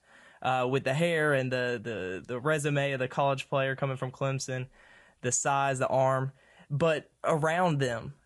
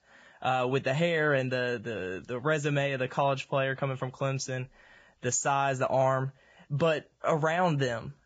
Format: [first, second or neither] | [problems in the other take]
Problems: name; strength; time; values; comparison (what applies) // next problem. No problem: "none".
first | garbled, watery; badly; nothing above 7.5 kHz; slightly in the first